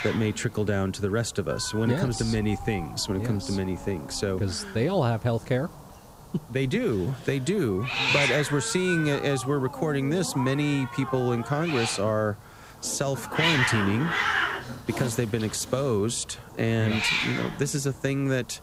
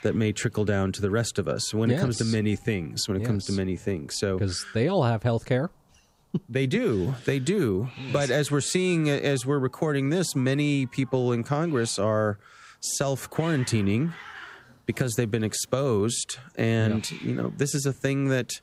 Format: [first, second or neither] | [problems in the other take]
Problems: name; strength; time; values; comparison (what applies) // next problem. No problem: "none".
second | hiss; loud; throughout; 3 dB below the speech; faint in the second